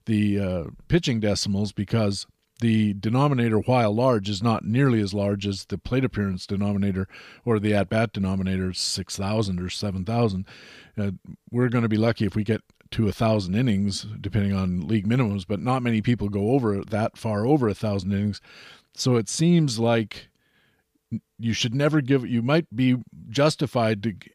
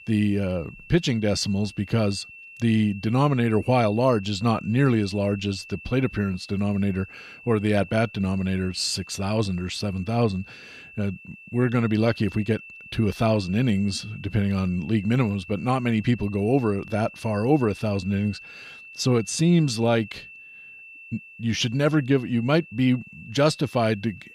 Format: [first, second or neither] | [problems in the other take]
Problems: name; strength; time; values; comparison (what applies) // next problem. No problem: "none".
first | high-pitched whine; noticeable; throughout; 2.5 kHz, 20 dB below the speech